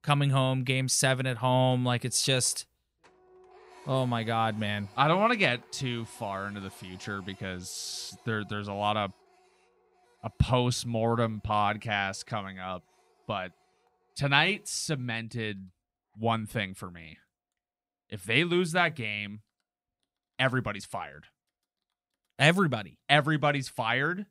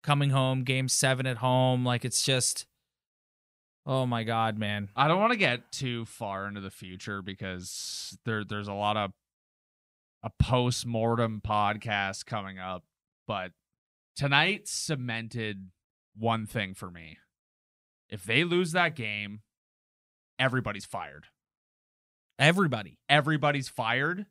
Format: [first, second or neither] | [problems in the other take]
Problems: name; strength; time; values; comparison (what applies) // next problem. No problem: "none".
second | household noises; faint; throughout; 30 dB below the speech